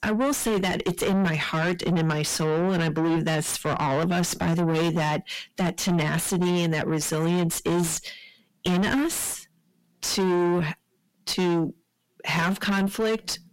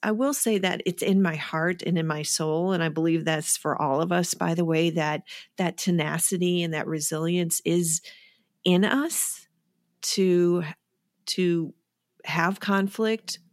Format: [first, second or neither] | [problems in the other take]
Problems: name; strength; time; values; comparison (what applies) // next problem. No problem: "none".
second | distortion; heavy; 5 dB below the speech